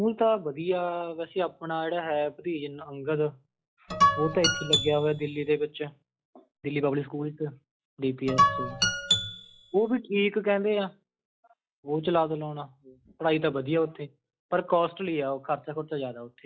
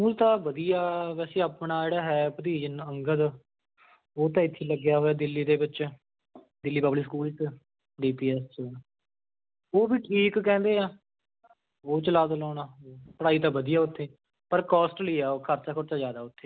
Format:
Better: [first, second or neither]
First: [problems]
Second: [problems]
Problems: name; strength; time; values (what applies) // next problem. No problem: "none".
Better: second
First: noise reduction (classical method log-MMSE)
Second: none